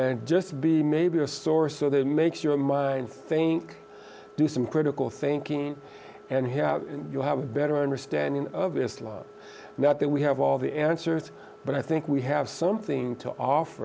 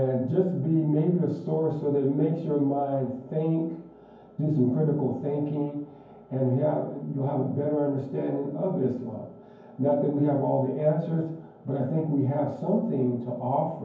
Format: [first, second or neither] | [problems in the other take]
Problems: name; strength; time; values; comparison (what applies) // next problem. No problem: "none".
first | room echo; dies away in 0.9 s